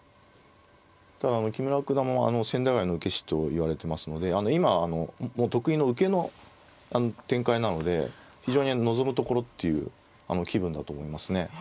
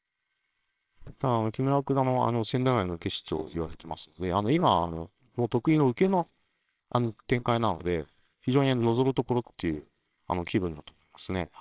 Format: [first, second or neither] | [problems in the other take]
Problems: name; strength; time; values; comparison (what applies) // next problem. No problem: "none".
first | noise reduction (neural separator model SepFormer WHAMR!)